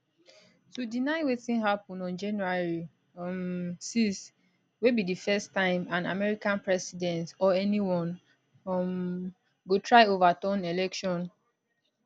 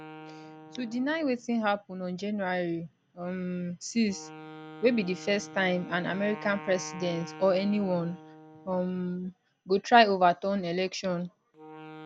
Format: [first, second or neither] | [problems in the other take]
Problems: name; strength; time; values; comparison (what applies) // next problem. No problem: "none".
first | background sound (Wind instrument, woodwind instrument); 18 dB below the speech